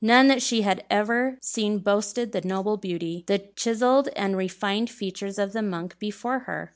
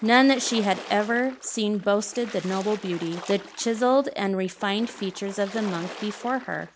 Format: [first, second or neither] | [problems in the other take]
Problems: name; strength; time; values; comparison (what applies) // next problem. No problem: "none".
first | background sound (Splash, splatter); 17 dB below the speech